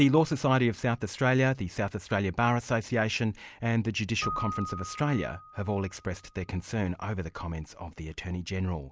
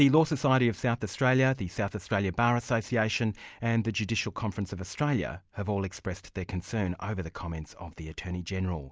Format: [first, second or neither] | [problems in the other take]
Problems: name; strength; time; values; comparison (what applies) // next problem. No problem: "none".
second | background sound (Keyboard (musical)); 16 dB below the speech